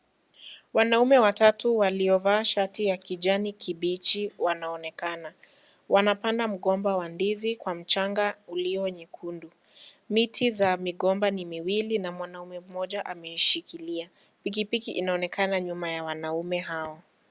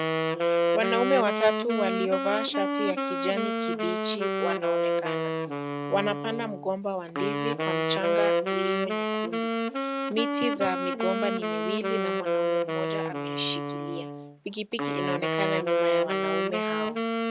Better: first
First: none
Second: background sound (Wind instrument, woodwind instrument); 3 dB above the speech

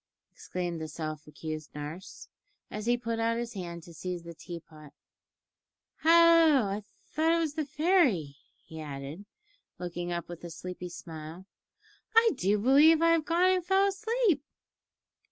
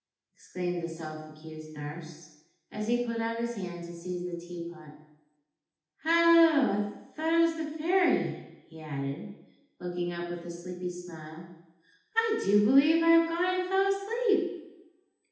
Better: first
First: none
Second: room echo; dies away in 0.8 s

